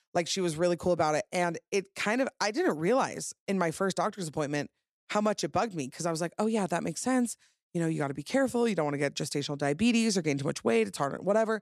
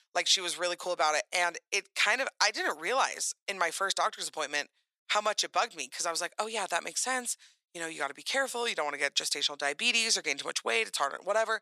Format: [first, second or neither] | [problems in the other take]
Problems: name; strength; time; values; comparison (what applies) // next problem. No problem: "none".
first | thin; very; fading below 850 Hz